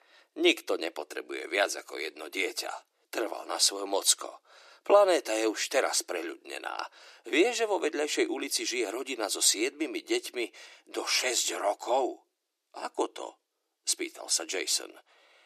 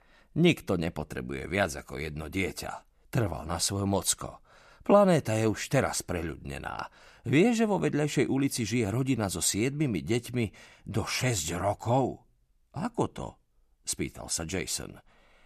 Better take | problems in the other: second | thin; very; fading below 350 Hz

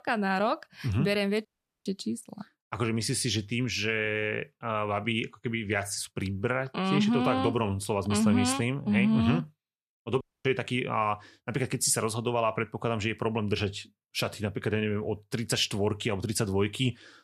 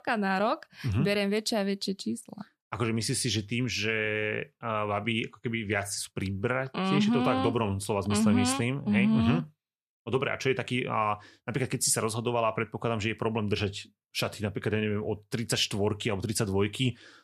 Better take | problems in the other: second | audio cutting out; at 1.5 s and at 10 s

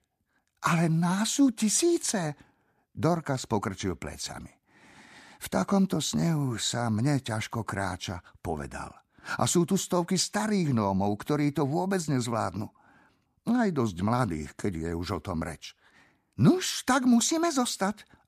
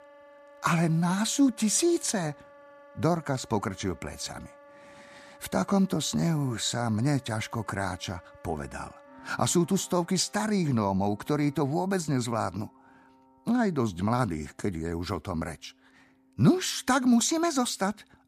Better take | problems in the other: first | background music; faint; throughout; 25 dB below the speech

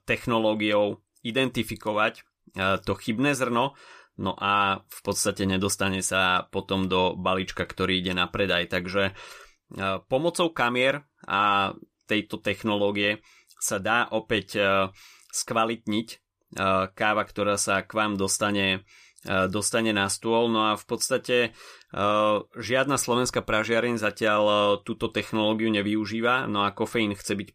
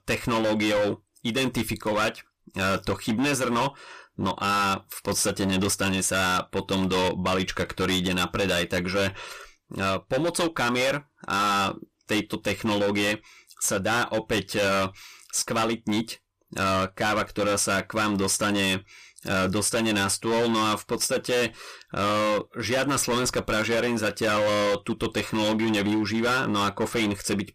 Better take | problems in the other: first | distortion; heavy; 20% of the sound clipped

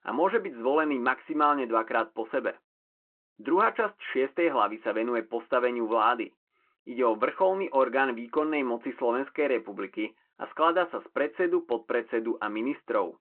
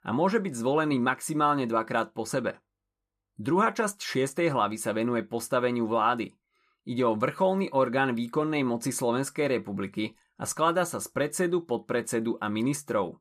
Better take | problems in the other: second | phone-call audio

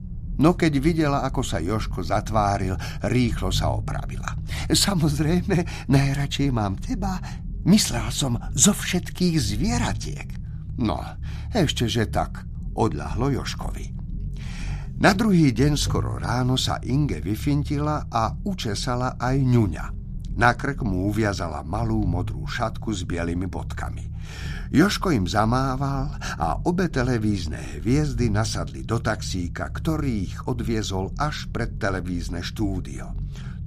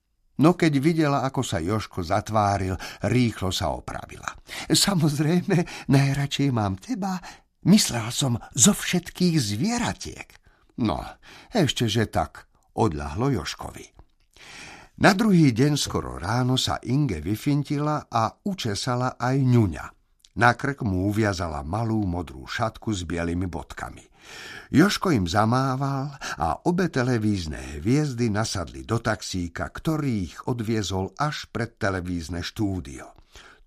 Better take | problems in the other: second | low rumble; faint; throughout; 20 dB below the speech

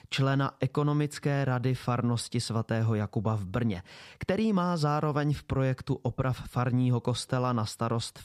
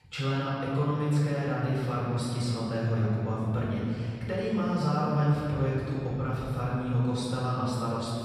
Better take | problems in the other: first | off-mic speech; far // room echo; strong; dies away in 2.2 s

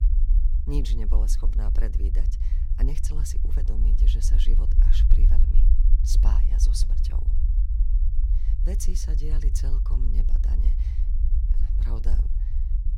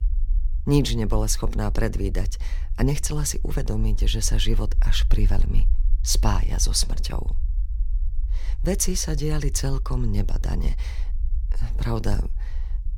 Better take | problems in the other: second | low rumble; loud; throughout; 5 dB below the speech; faint in the second

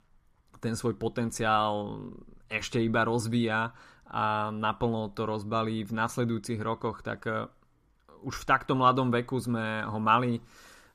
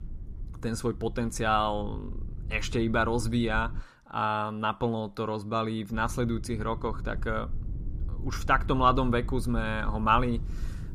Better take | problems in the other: first | low rumble; faint; until 4 s and from 6 s on; 25 dB below the speech

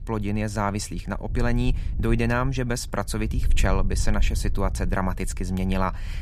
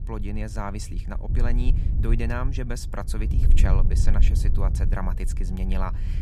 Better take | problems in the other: first | wind noise on the microphone; heavy; 8 dB below the speech; occasional gusts in the first

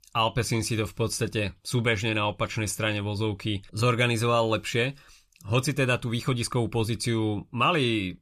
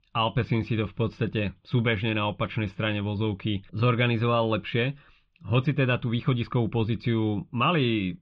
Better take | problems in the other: first | muffled; very; fading above 3.5 kHz

